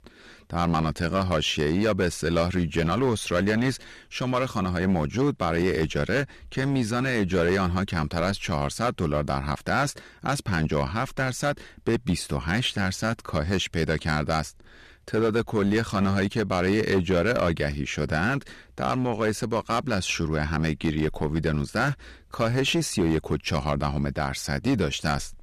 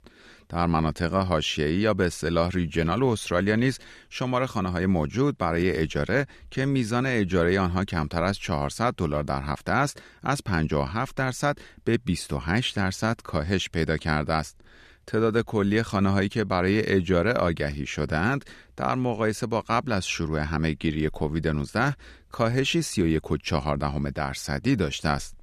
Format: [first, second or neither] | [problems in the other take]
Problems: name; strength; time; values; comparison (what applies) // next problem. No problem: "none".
second | distortion; slight; 8% of the sound clipped